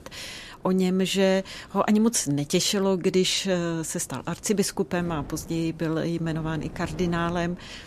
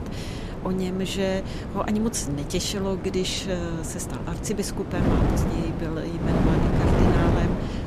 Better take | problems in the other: first | wind noise on the microphone; heavy; 1 dB below the speech; occasional gusts in the first

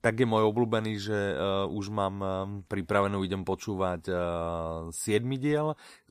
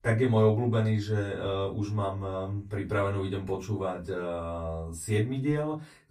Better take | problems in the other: first | off-mic speech; far // room echo; very slight; dies away in 0.2 s

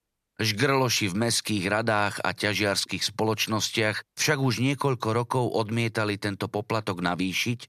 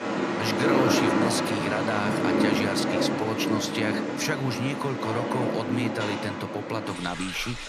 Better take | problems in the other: first | rain or running water; very loud; throughout; 3 dB above the speech

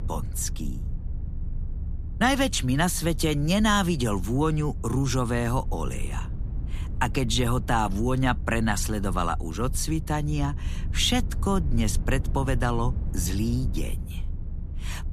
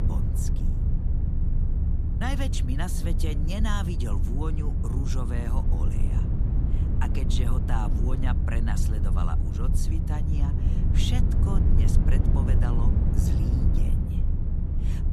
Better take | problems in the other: first | low rumble; loud; throughout; 2 dB below the speech; faint in the first

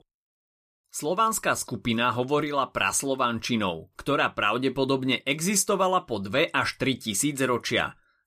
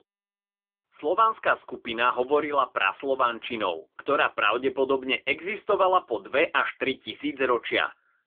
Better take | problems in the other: first | phone-call audio; poor line; nothing above 3.5 kHz

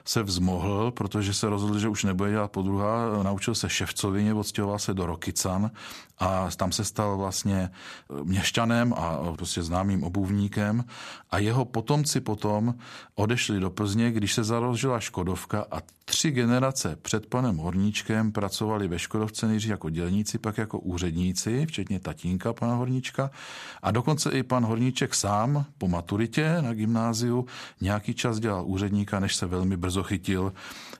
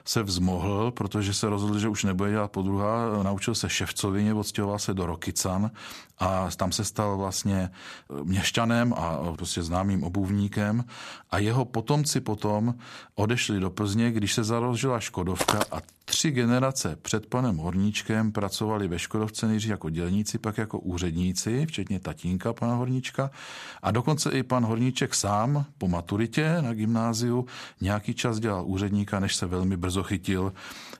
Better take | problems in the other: first | footsteps; loud; at 15 s; peak 1 dB above the speech

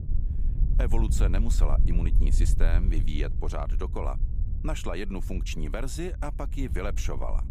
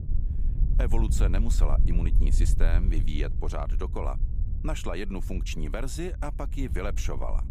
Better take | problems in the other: neither | wind noise on the microphone; occasional gusts; 10 dB below the speech; the same in both

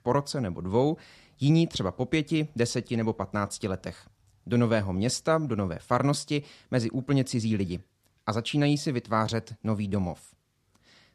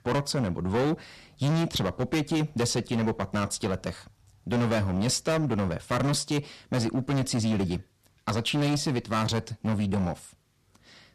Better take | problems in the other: first | distortion; heavy; 16% of the sound clipped

